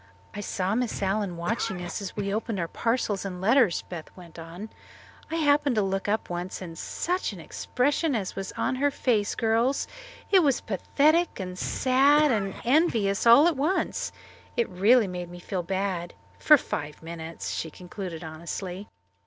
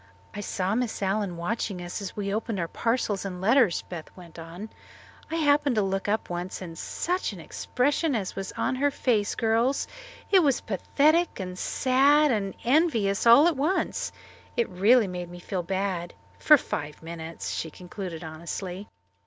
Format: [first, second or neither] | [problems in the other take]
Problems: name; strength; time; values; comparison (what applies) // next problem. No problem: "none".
second | background sound (Cough); 15 dB below the speech